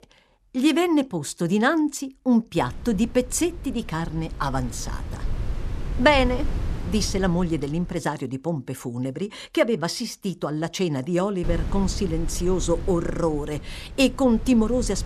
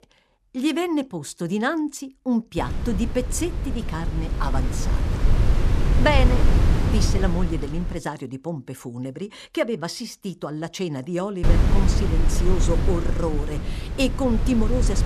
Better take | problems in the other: first | wind noise on the microphone; heavy; from 2.5 to 8 s and from 11 s on; 5 dB below the speech; occasional gusts in the first

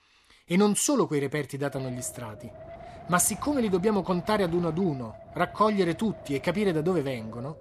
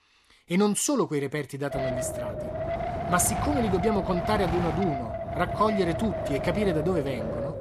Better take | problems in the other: first | wind noise on the microphone; heavy; from 1.5 s on; 2 dB below the speech; occasional gusts in the first

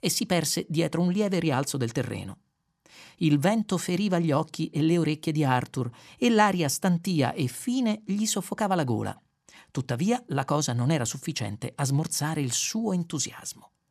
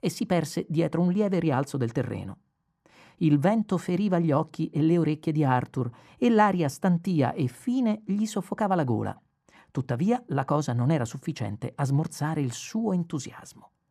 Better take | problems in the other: first | muffled; slightly; fading above 2.5 kHz

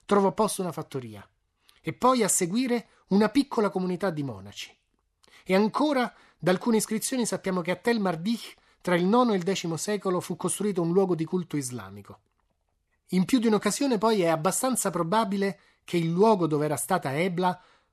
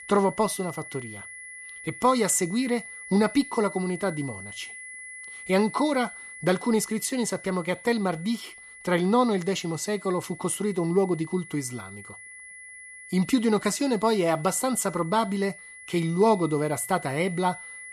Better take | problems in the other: first | high-pitched whine; noticeable; throughout; 2 kHz, 15 dB below the speech

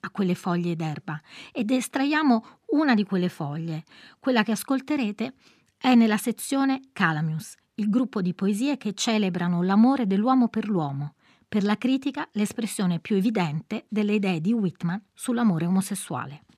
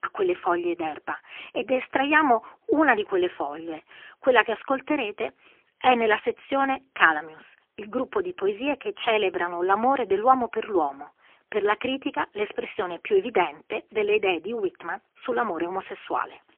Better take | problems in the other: first | phone-call audio; poor line; nothing above 3 kHz

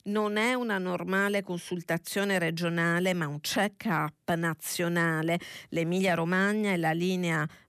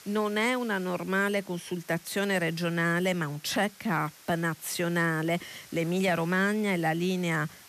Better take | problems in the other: first | hiss; faint; throughout; 20 dB below the speech

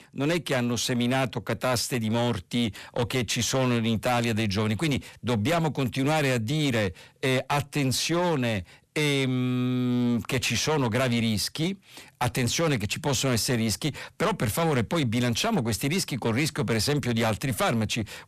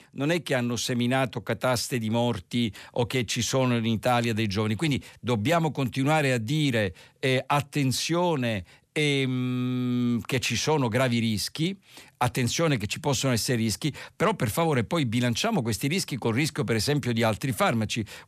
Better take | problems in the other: second | distortion; slight; 17% of the sound clipped

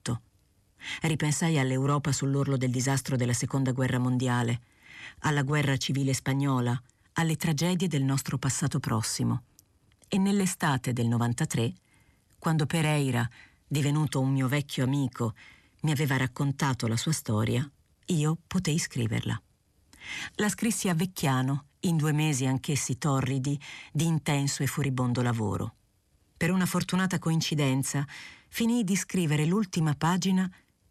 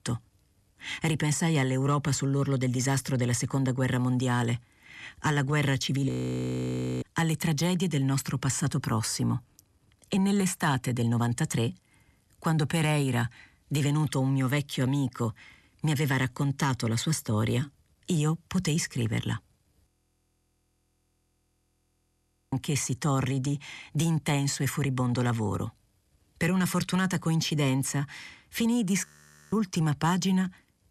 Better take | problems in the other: first | audio freezing; at 6 s for 1 s, at 20 s for 2.5 s and at 29 s

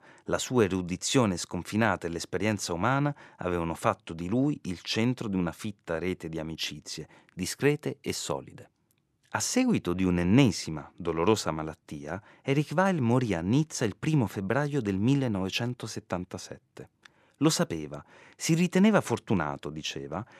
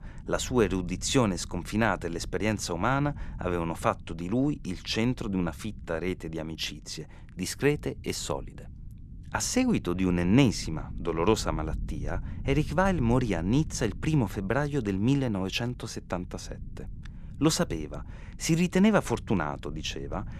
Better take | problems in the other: first | low rumble; faint; throughout; 25 dB below the speech

